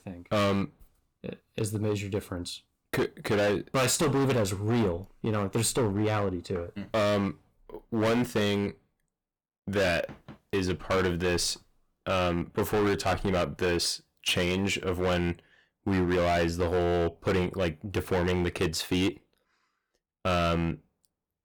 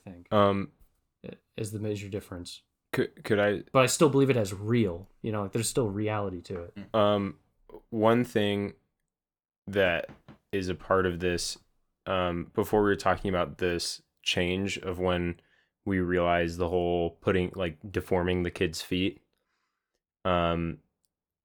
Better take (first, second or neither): second